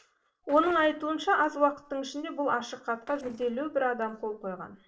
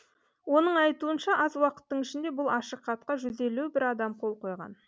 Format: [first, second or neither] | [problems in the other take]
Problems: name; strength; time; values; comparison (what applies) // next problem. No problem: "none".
second | noise reduction (neural separator model SepFormer DNS4)